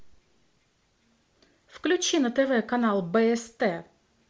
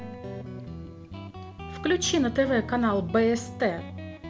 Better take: first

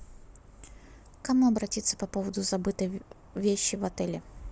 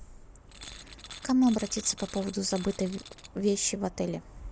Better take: first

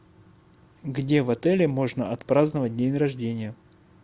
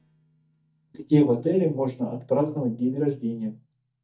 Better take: first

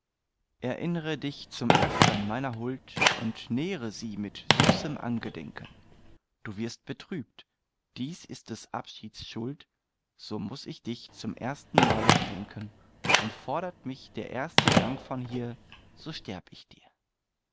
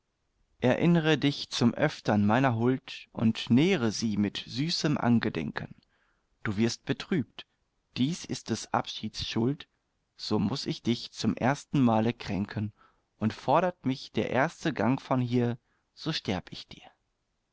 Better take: second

